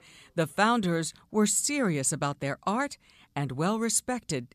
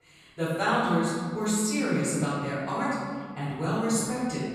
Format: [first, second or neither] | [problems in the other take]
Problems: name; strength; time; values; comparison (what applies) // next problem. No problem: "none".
first | room echo; strong; dies away in 1.7 s // off-mic speech; far